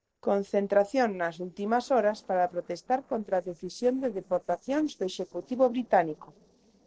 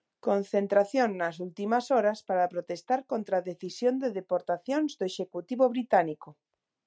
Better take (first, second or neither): second